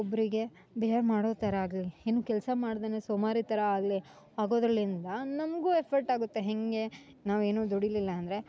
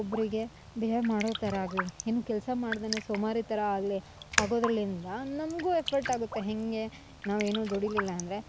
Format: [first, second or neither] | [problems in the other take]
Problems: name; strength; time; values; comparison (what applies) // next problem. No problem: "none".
first | background sound (Raindrop); 8 dB below the speech